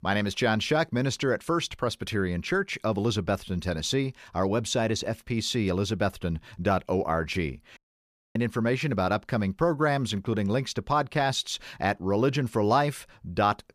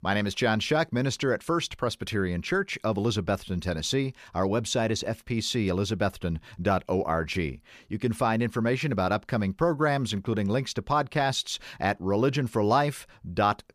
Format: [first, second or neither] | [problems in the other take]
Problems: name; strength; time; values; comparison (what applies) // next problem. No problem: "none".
second | audio cutting out; at 8 s for 0.5 s